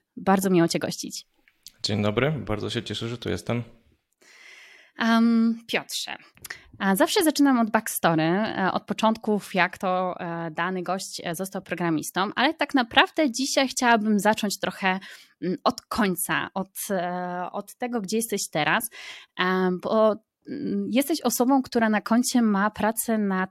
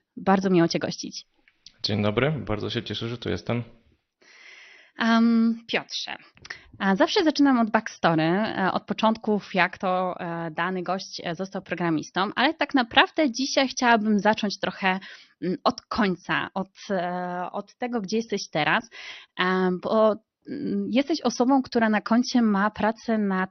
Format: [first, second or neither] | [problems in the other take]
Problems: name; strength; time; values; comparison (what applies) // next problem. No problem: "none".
first | garbled, watery; slightly; nothing above 6 kHz